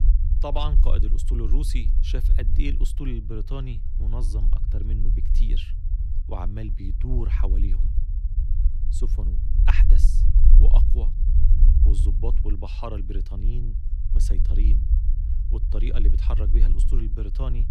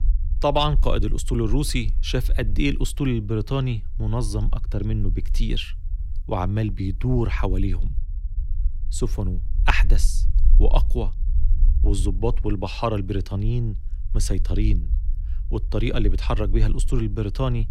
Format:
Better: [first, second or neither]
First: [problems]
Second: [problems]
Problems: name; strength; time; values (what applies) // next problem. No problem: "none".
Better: second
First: low rumble; loud; throughout; 7 dB below the speech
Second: low rumble; faint; throughout; 20 dB below the speech